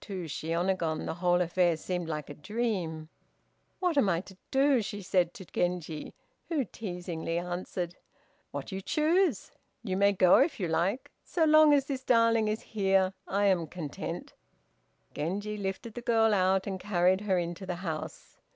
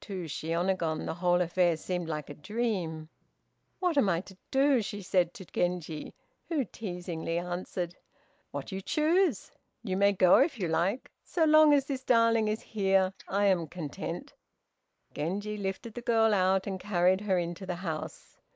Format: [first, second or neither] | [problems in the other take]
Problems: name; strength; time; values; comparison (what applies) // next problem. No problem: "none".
first | noise reduction (neural mask model Resemble Enhance denoiser)